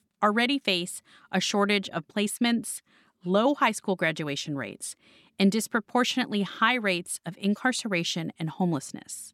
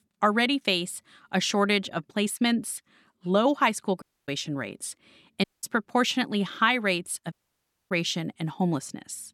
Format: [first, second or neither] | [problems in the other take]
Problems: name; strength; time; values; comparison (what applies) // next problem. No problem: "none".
first | audio cutting out; at 4 s, at 5.5 s and at 7.5 s for 0.5 s